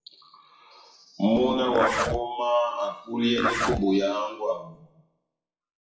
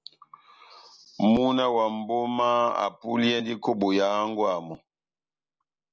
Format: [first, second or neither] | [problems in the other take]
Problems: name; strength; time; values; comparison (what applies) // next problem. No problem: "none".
second | noise reduction (classical method WPE with log-MMSE)